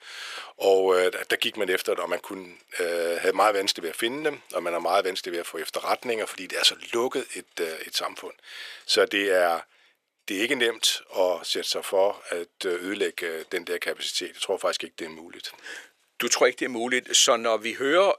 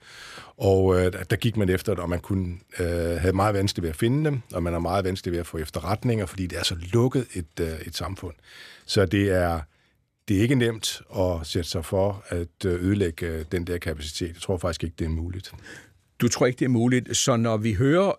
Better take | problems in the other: second | thin; very; fading below 450 Hz

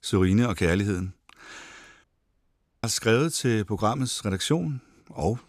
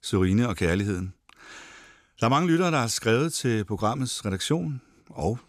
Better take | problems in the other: second | audio cutting out; at 2 s for 1 s

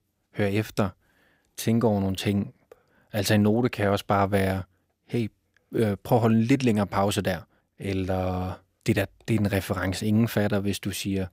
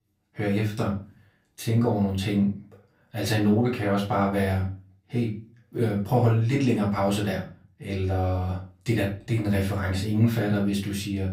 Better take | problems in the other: first | off-mic speech; far // room echo; slight; dies away in 0.3 s

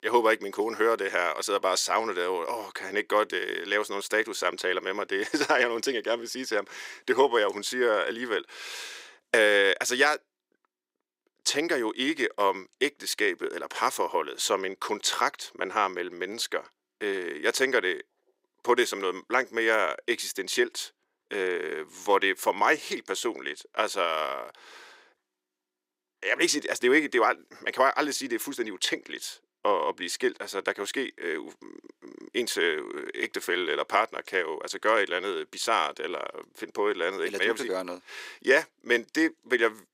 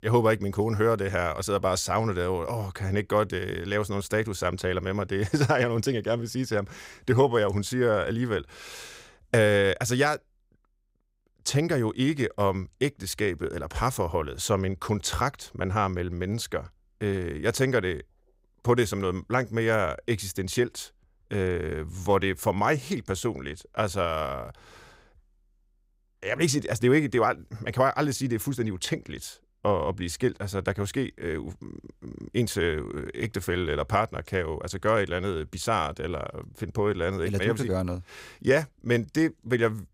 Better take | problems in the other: second | thin; somewhat; fading below 300 Hz

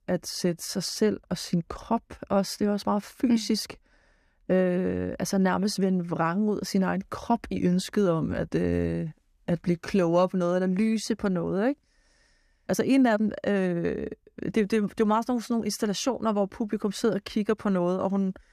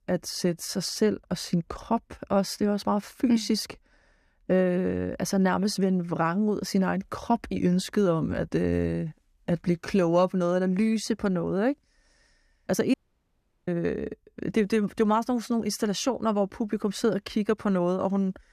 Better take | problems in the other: first | audio cutting out; at 13 s for 0.5 s

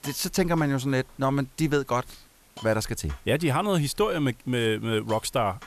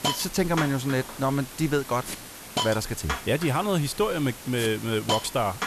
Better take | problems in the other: first | hiss; loud; throughout; 7 dB below the speech; faint in the first

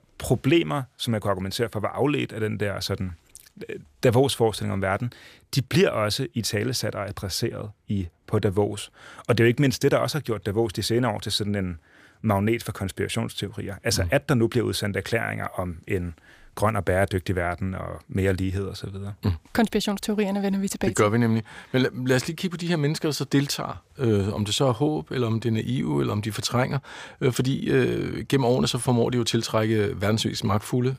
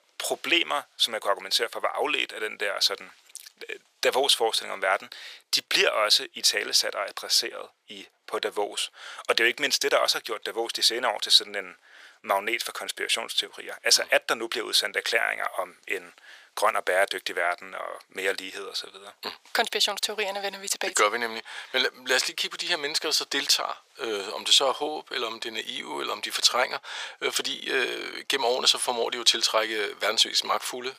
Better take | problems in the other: first | thin; very; fading below 550 Hz

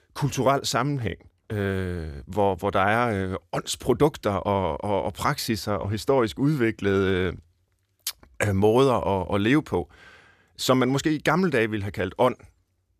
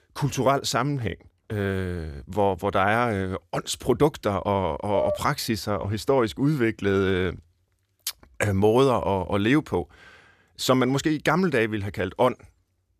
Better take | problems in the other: first | clattering dishes; noticeable; at 5 s; peak 3 dB below the speech

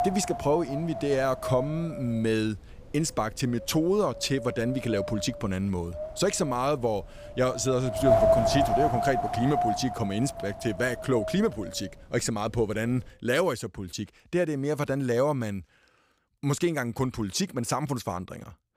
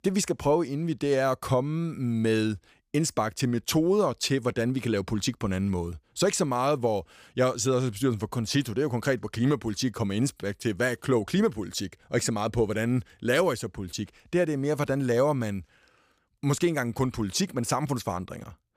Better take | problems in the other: second | wind noise on the microphone; heavy; until 13 s; 1 dB above the speech

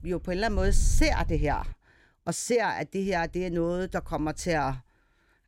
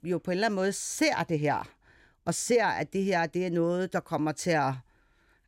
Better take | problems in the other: second | wind noise on the microphone; occasional gusts; until 1.5 s and from 3 to 5 s; 25 dB below the speech

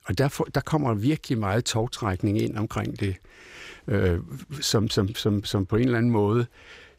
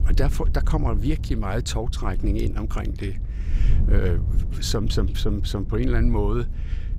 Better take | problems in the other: first | wind noise on the microphone; occasional gusts; 15 dB below the speech

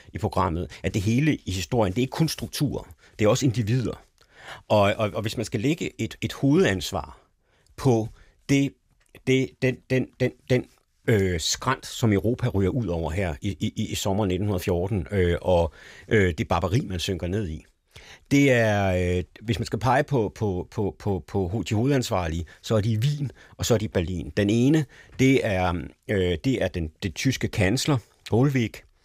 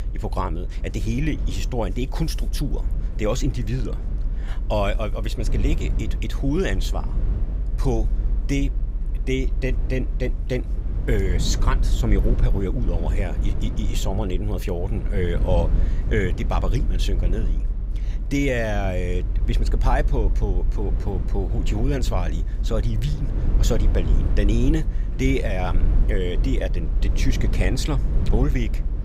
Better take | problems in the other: first | low rumble; noticeable; throughout; 10 dB below the speech

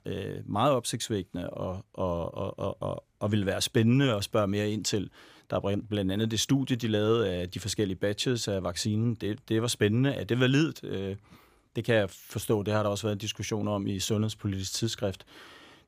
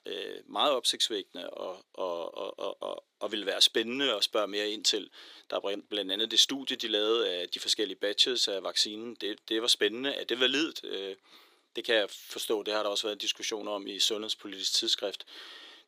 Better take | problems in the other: first | thin; somewhat; fading below 350 Hz

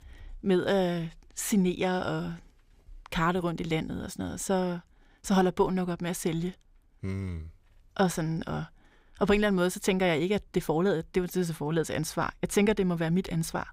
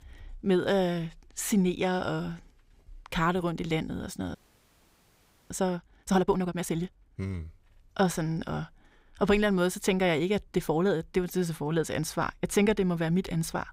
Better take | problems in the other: first | audio freezing; at 4.5 s for 1 s

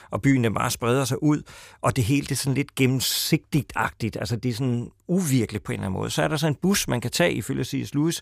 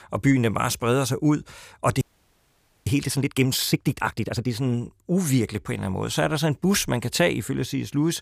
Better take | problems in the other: first | audio freezing; at 2 s for 1 s

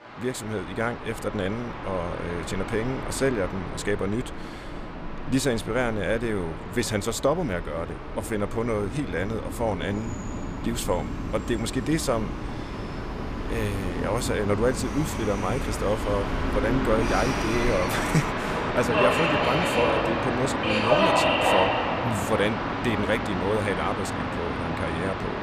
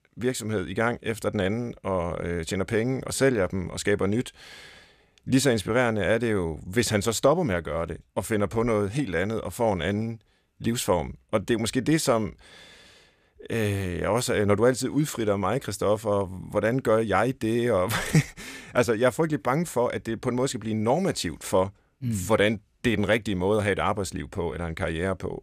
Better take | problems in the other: second | train or aircraft noise; loud; throughout; 1 dB below the speech

